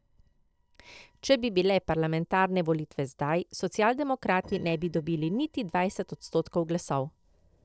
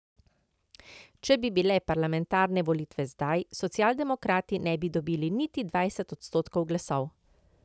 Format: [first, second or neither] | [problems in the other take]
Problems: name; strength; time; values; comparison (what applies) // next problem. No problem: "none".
second | noise reduction (neural separator model SepFormer DNS4)